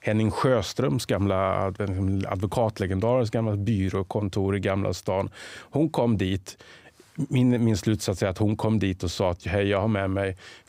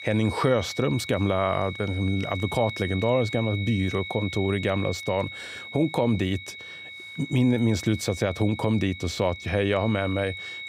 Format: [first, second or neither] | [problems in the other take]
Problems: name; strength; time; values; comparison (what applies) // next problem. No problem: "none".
first | high-pitched whine; noticeable; throughout; 2 kHz, 10 dB below the speech